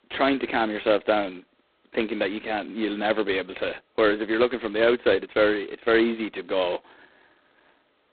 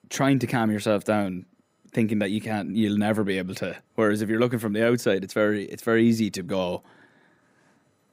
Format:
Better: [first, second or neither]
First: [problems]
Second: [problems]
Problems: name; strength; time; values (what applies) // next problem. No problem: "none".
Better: second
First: phone-call audio; poor line; nothing above 4 kHz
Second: none